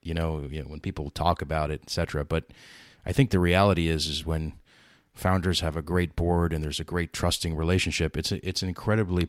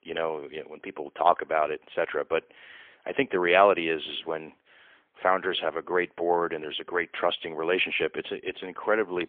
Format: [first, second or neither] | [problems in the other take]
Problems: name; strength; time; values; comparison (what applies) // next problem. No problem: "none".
first | phone-call audio; poor line; nothing above 3.5 kHz